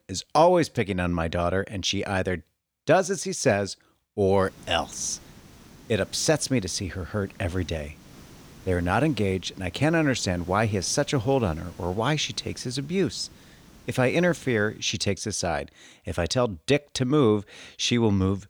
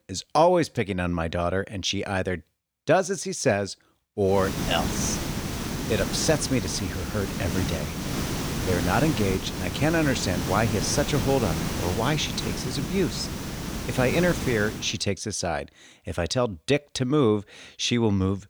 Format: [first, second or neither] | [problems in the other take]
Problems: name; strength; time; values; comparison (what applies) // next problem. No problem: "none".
first | hiss; loud; from 4.5 to 15 s; 4 dB below the speech; faint in the first